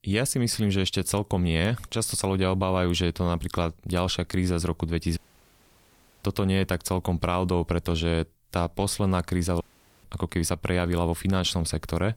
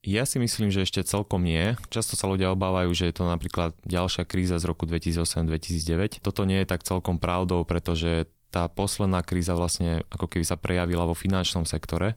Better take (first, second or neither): second